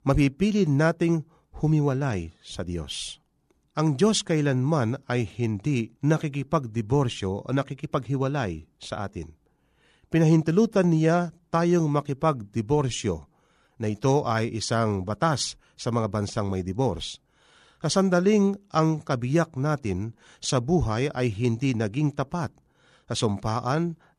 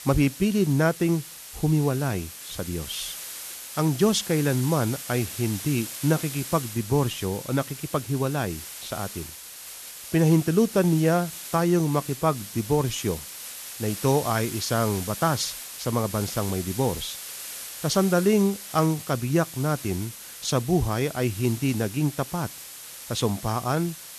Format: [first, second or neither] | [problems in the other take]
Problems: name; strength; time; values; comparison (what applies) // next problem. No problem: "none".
first | hiss; noticeable; throughout; 10 dB below the speech